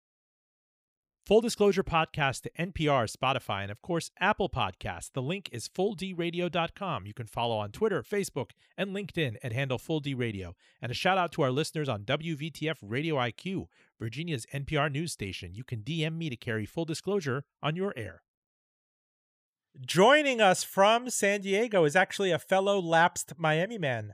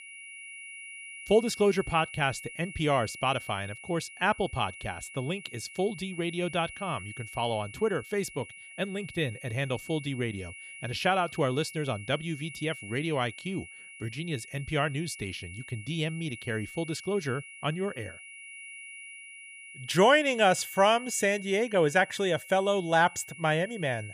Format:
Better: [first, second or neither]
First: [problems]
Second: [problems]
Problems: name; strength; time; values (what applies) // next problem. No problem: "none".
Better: first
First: none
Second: high-pitched whine; noticeable; throughout; 2 kHz, 15 dB below the speech